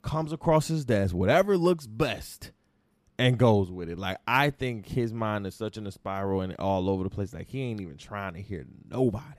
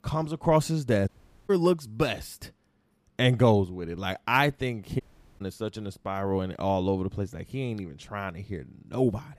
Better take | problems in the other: first | audio cutting out; at 1 s and at 5 s

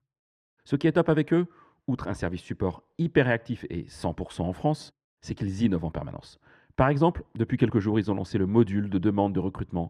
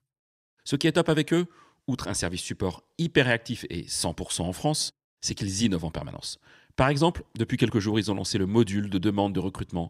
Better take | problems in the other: second | muffled; very; fading above 3 kHz

